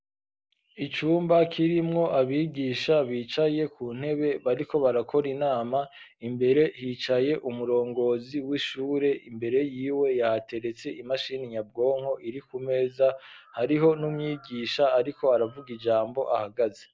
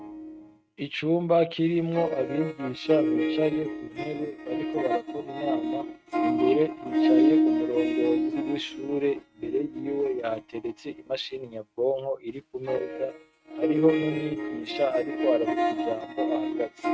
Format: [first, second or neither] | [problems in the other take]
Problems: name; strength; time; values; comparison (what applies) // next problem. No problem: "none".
first | noise reduction (neural mask model RNNoise)